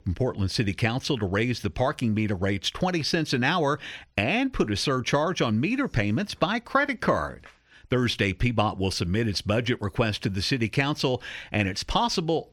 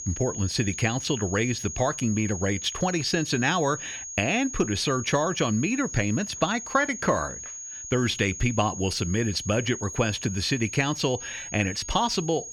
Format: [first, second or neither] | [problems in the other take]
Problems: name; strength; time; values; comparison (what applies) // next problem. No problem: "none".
first | high-pitched whine; loud; throughout; 6.5 kHz, 8 dB below the speech